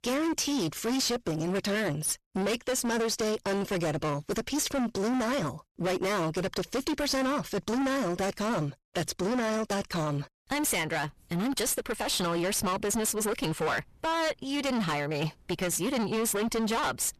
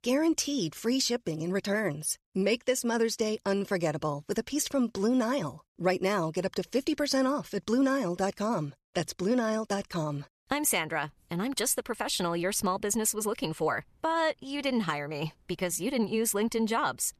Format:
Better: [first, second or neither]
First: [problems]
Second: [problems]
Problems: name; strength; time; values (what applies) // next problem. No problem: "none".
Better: second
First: distortion; heavy; 30% of the sound clipped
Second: none